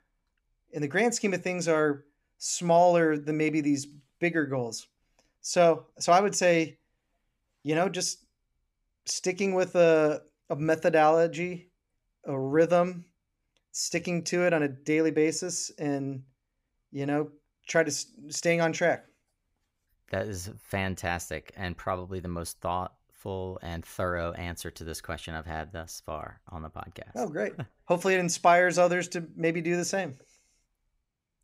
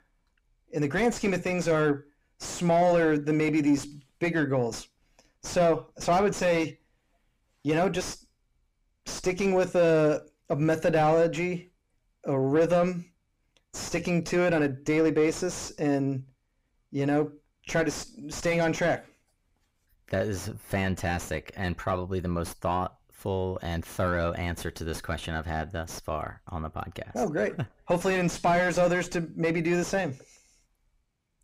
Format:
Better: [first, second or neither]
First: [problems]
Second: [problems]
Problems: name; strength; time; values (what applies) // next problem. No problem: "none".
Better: first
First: none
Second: distortion; heavy; 6 dB below the speech